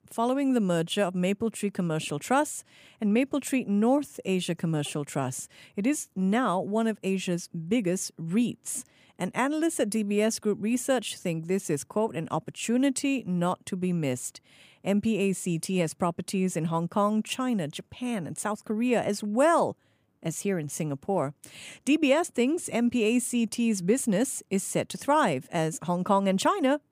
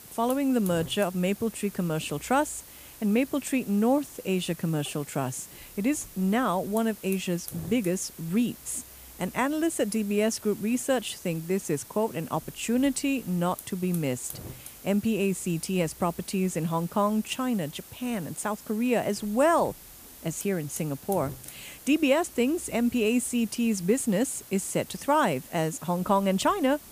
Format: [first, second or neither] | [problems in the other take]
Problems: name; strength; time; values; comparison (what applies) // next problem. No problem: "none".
first | hiss; noticeable; throughout; 15 dB below the speech